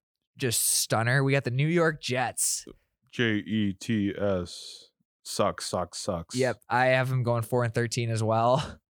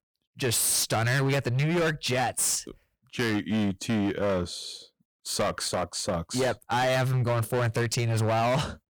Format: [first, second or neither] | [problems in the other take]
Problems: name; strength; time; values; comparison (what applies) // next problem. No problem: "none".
first | distortion; heavy; 22% of the sound clipped